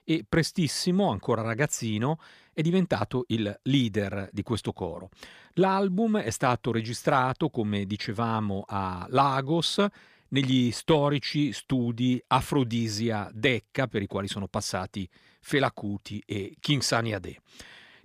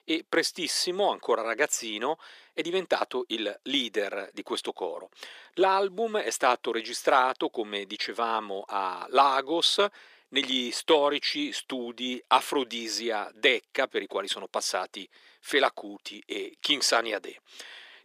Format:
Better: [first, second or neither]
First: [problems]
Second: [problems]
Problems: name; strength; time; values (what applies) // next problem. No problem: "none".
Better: first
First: none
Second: thin; somewhat; fading below 350 Hz